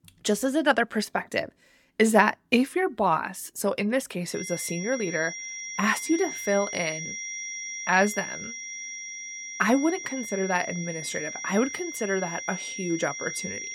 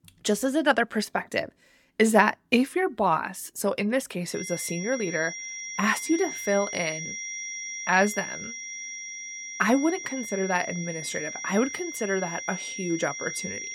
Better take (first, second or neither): neither